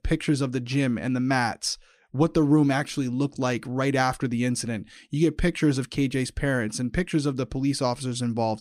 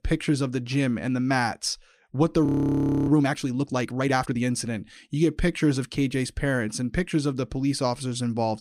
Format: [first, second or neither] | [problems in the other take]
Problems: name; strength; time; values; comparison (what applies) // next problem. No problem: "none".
first | audio freezing; at 2.5 s for 0.5 s